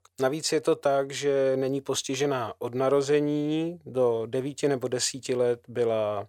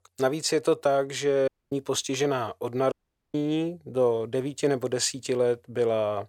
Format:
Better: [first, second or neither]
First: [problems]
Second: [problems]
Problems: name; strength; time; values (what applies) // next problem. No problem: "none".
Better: first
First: none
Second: audio cutting out; at 1.5 s and at 3 s